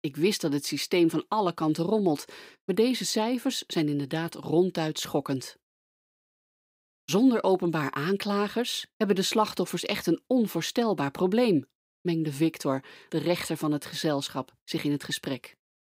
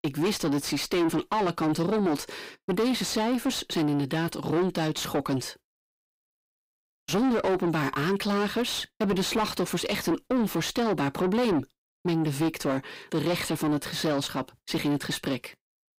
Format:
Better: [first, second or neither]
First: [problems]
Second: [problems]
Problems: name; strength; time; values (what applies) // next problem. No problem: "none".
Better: first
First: none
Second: distortion; heavy; 7 dB below the speech